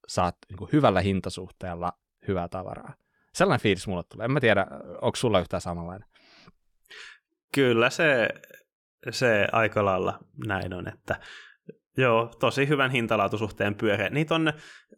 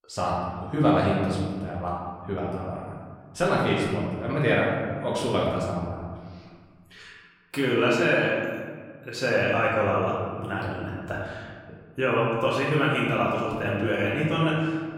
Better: first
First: none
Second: room echo; noticeable; dies away in 1.6 s // off-mic speech; far

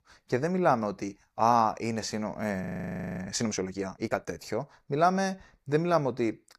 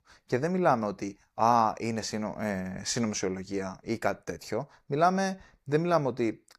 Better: second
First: audio freezing; at 2.5 s for 0.5 s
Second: none

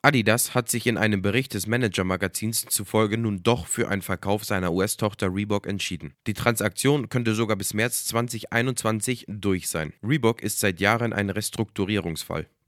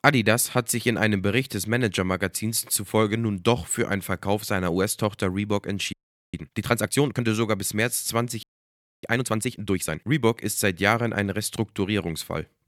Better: first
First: none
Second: audio freezing; at 6 s and at 8.5 s for 0.5 s

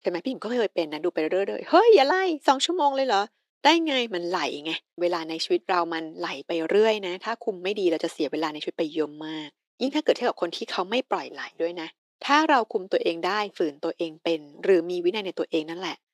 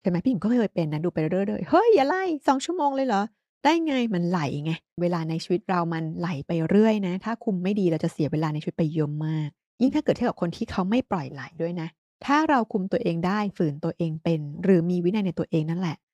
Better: second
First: thin; somewhat; fading below 350 Hz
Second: none

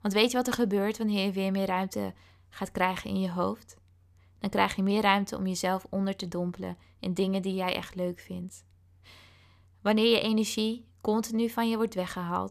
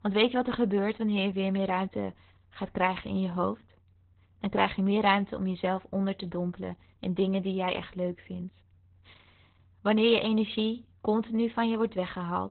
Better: first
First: none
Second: garbled, watery; badly; nothing above 4 kHz

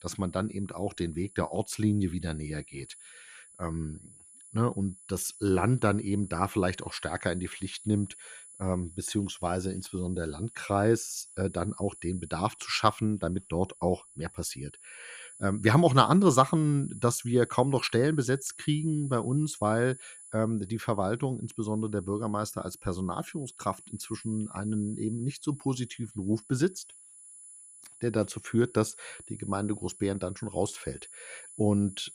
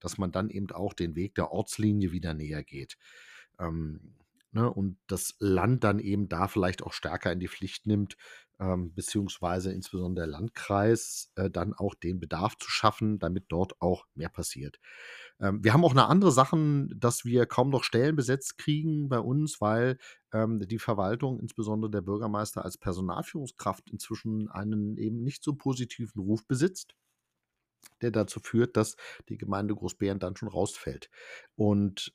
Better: second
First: high-pitched whine; noticeable; throughout; 10 kHz, 20 dB below the speech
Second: none

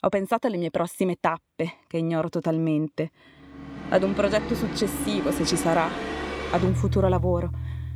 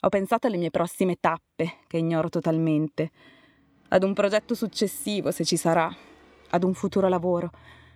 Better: second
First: background music; loud; from 4 s on; 4 dB below the speech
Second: background music; faint; from 4 s on; 30 dB below the speech

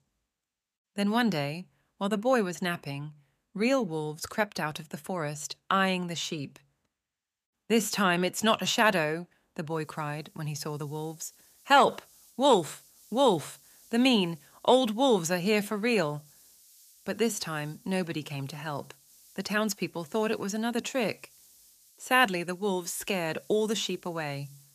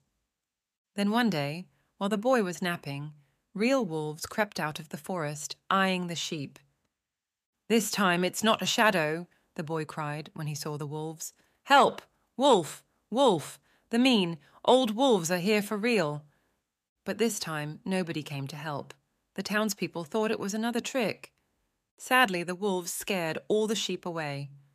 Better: second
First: hiss; faint; from 9.5 s on; 30 dB below the speech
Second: none

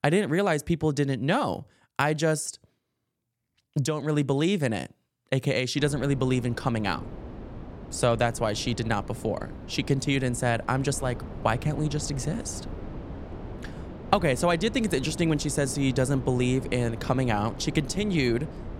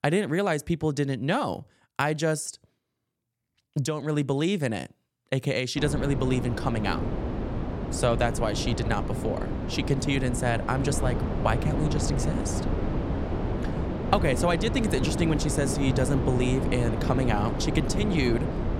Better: first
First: wind noise on the microphone; occasional gusts; from 6 s on; 15 dB below the speech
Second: wind noise on the microphone; heavy; from 6 s on; 5 dB below the speech

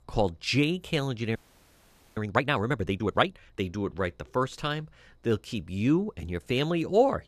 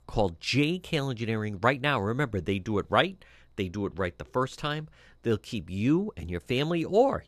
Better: second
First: audio freezing; at 1.5 s for 1 s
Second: none

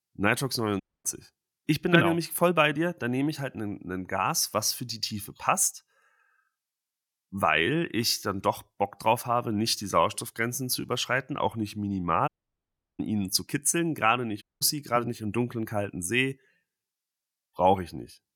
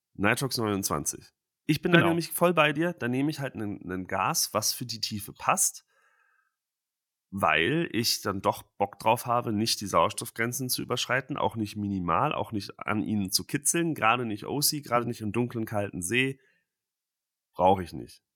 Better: second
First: audio cutting out; at 1 s, at 12 s for 0.5 s and at 14 s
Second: none

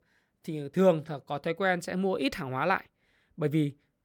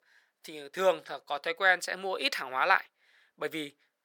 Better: first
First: none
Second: thin; very; fading below 700 Hz

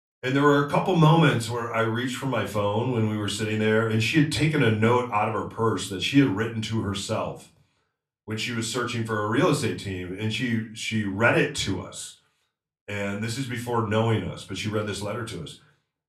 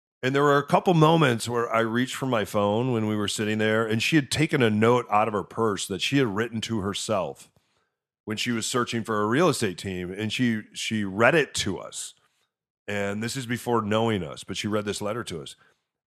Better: second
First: off-mic speech; somewhat distant // room echo; very slight; dies away in 0.3 s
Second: none

